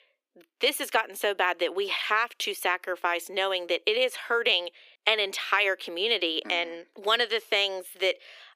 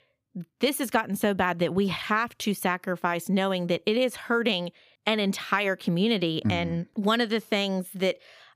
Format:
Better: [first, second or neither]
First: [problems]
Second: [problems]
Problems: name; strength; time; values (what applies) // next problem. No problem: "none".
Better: second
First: thin; very; fading below 350 Hz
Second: none